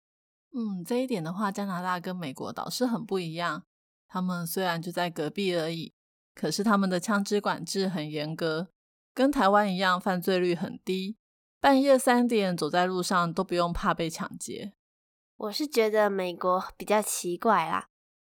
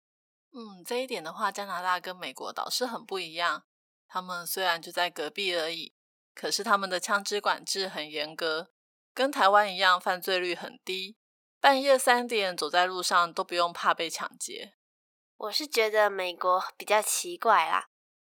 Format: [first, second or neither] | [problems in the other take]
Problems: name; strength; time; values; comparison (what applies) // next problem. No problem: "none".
first | thin; somewhat; fading below 550 Hz